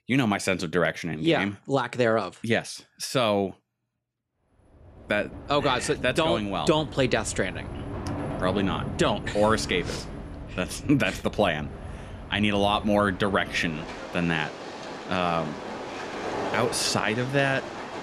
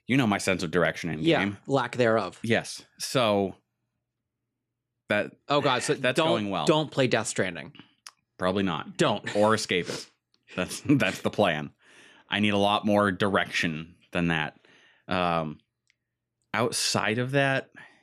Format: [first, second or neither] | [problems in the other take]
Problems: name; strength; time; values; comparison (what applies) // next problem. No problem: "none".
second | train or aircraft noise; noticeable; from 5 s on; 10 dB below the speech